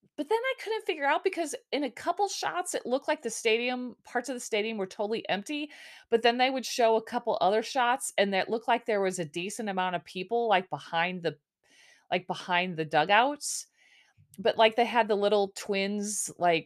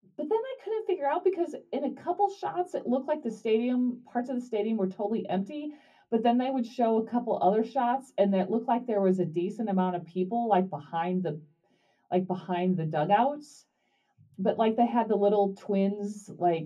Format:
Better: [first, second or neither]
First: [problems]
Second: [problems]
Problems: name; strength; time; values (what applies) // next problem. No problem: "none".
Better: first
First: none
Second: room echo; very slight; dies away in 0.4 s // off-mic speech; far